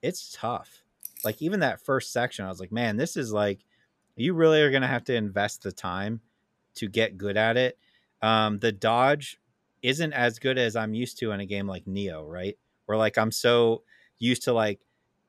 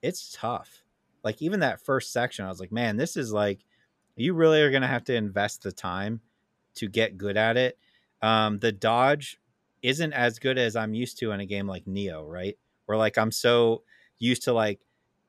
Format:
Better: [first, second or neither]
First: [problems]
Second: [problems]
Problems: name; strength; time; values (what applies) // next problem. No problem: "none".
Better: second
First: jangling keys; noticeable; at 1 s; peak 10 dB below the speech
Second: none